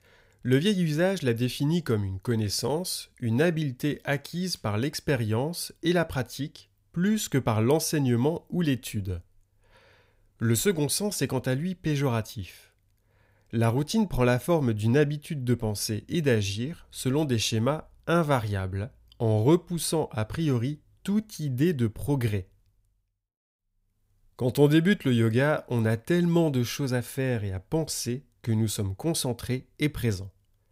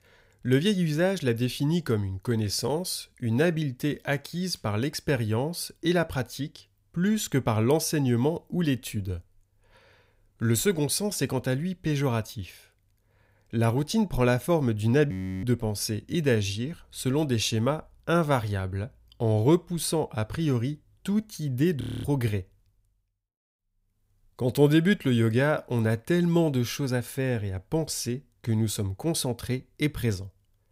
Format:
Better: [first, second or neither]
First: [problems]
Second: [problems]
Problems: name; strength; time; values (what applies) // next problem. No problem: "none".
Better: first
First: none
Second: audio freezing; at 15 s and at 22 s